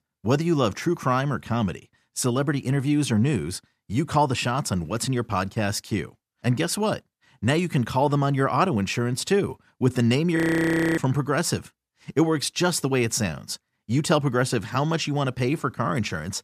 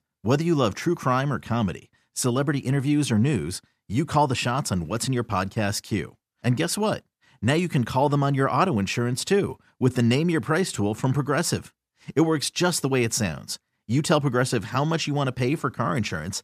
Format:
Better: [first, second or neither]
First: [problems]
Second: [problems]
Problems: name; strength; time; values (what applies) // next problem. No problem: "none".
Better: second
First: audio freezing; at 10 s for 0.5 s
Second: none